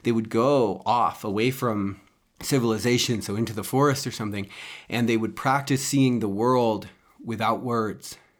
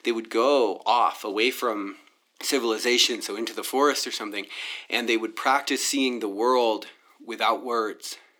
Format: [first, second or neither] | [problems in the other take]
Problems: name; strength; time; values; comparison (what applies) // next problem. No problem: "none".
first | thin; somewhat; fading below 300 Hz